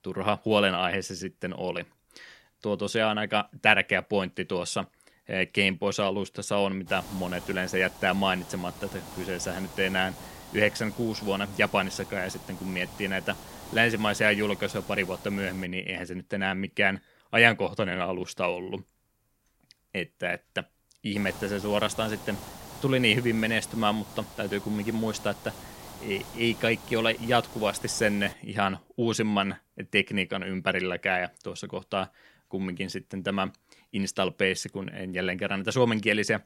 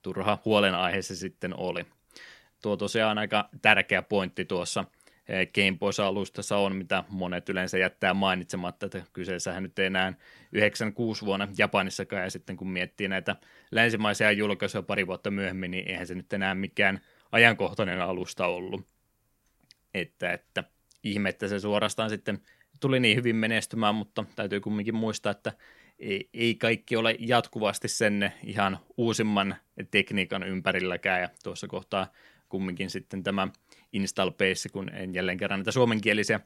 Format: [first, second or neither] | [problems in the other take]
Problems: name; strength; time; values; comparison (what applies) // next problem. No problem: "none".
second | hiss; noticeable; from 7 to 16 s and from 21 to 28 s; 15 dB below the speech